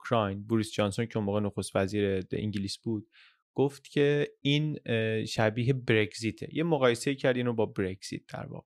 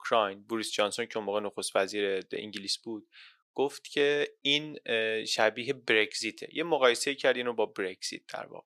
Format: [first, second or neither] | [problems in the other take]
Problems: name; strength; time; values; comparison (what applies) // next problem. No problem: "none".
first | thin; somewhat; fading below 500 Hz